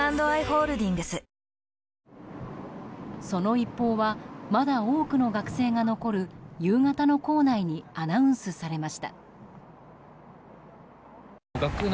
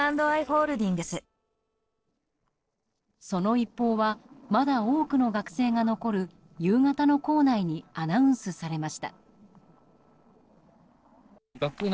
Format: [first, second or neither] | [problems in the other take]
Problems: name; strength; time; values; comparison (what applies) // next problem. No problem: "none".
first | noise reduction (neural separator model SepFormer DNS4)